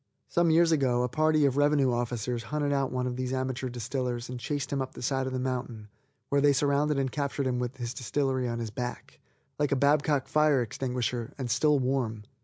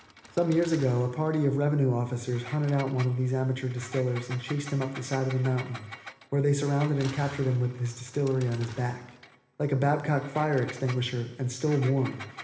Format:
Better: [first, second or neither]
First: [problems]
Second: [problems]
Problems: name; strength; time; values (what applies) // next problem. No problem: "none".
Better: first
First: none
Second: background sound (Engine); 18 dB below the speech // room echo; dies away in 1.1 s